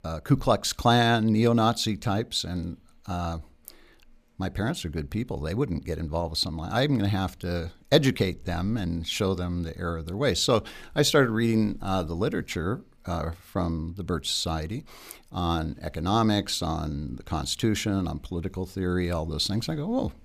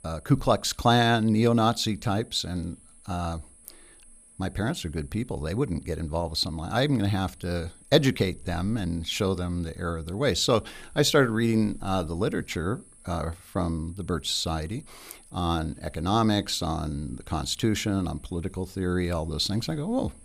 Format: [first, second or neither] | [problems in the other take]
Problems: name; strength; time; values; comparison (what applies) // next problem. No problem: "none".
first | high-pitched whine; faint; throughout; 10 kHz, 25 dB below the speech